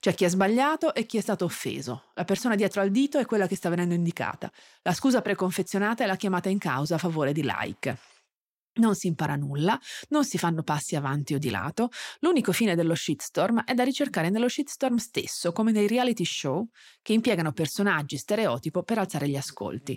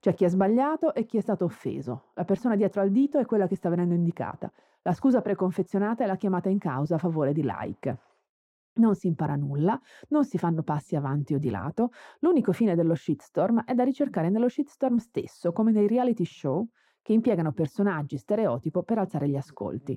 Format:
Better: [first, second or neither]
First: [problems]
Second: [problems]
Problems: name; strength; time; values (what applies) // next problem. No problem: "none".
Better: first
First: none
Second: muffled; very; fading above 1.5 kHz